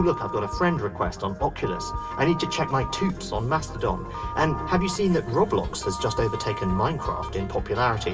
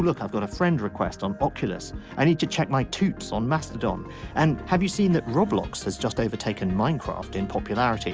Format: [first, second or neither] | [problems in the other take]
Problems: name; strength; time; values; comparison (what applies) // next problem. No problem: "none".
second | background sound (Telephone); 11 dB below the speech // room echo; dies away in 2.8 s